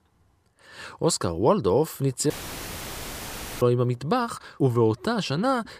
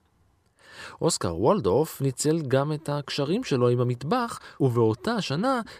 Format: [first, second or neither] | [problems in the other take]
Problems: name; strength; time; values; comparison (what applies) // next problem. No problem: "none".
second | audio cutting out; filled with static; at 2.5 s for 1.5 s